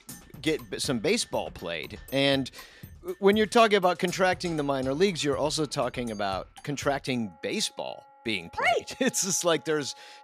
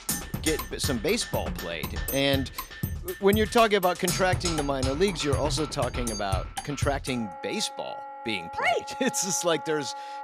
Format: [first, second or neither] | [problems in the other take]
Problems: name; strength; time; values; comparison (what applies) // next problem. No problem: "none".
first | background music; loud; throughout; 6 dB below the speech; faint in the first